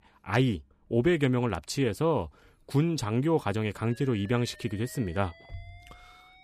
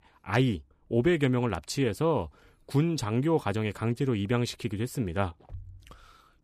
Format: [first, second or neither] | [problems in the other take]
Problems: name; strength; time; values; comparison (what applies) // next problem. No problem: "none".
second | alarms or sirens; faint; throughout; 25 dB below the speech